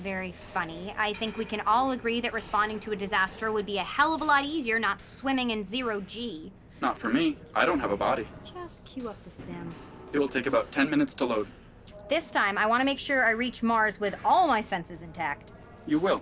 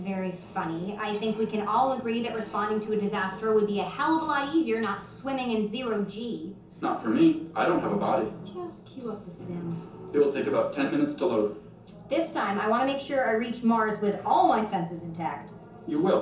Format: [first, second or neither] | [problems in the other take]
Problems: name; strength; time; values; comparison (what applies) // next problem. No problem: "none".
first | room echo; dies away in 0.6 s